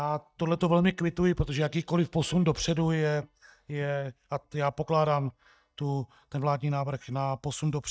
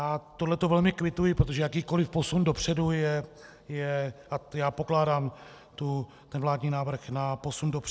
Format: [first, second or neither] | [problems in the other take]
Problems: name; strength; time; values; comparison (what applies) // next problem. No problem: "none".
second | noise reduction (neural mask model DeepFilterNet 3)